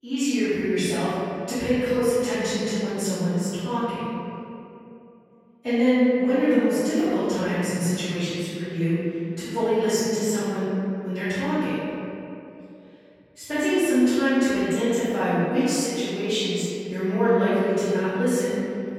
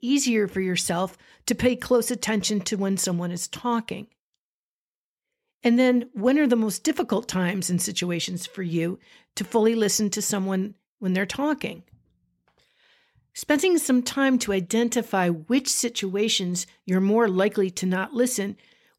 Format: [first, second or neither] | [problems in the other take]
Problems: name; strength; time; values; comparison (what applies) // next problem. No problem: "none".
second | off-mic speech; far // room echo; strong; dies away in 2.6 s